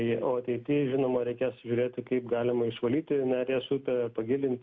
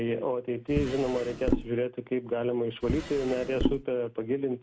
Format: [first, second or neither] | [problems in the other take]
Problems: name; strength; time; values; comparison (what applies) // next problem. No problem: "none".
first | background sound (Drawer open or close); 2 dB below the speech